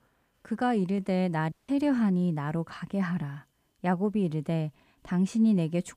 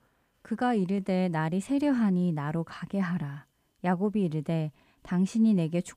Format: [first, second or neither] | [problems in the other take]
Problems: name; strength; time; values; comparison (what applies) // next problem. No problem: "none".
second | audio cutting out; at 1.5 s